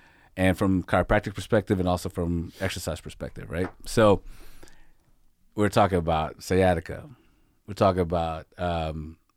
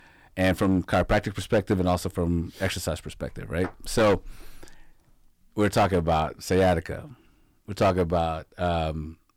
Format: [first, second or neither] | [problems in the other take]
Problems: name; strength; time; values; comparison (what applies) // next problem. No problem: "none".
first | distortion; slight; 4% of the sound clipped